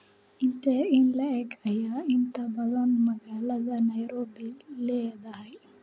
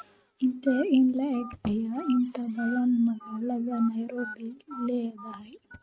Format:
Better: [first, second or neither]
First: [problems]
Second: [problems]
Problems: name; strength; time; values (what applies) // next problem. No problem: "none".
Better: first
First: none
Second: noise reduction (neural mask model RNNoise)